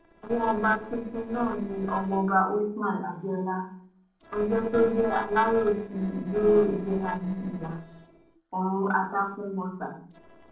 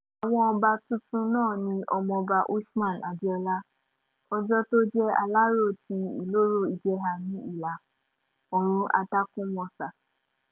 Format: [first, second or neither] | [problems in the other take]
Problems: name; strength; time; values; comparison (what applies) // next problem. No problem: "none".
second | noise reduction (neural separator model SepFormer DNS4)